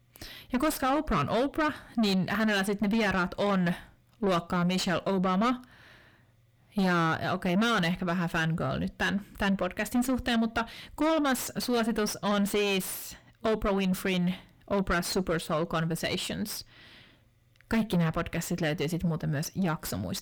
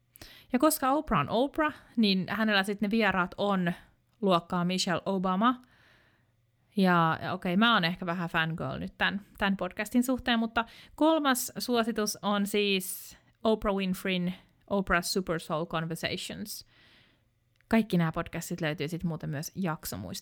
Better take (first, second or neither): second